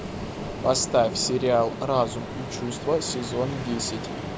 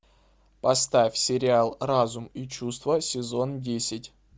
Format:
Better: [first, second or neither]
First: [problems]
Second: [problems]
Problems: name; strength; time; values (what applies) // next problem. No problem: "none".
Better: second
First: background sound (Ocean); 7 dB below the speech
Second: none